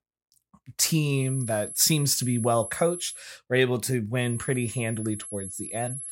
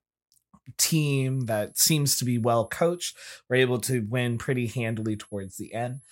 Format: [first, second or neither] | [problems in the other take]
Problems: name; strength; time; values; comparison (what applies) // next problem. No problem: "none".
second | high-pitched whine; loud; from 1 to 3 s and from 4 s on; 11 kHz, 10 dB below the speech; faint in the second